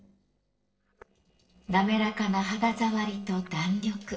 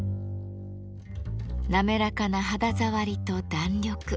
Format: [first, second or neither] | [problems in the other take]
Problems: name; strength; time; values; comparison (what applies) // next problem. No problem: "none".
second | noise reduction (neural separator model SepFormer DNS4)